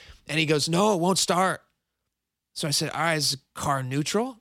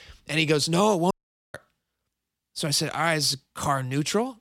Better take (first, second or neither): first